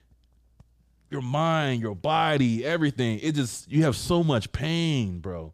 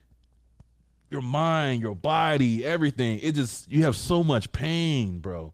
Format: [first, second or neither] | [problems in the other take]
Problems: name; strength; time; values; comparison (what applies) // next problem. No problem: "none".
first | garbled, watery; slightly; nothing above 15 kHz